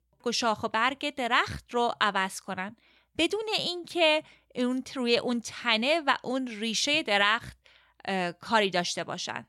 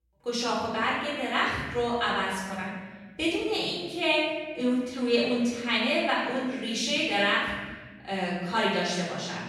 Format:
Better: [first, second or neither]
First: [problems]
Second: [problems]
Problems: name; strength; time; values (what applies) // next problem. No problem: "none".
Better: first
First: none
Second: off-mic speech; far // room echo; noticeable; dies away in 1.4 s